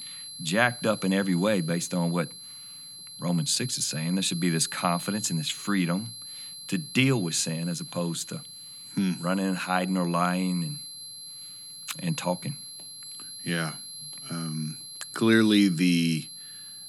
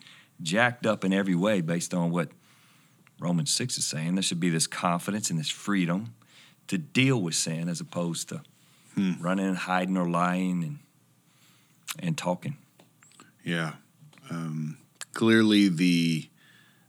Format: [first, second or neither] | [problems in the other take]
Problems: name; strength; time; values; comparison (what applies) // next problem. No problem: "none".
second | high-pitched whine; noticeable; throughout; 4 kHz, 10 dB below the speech